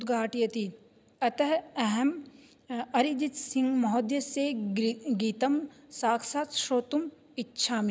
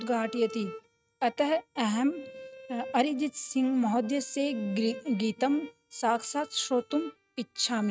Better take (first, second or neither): first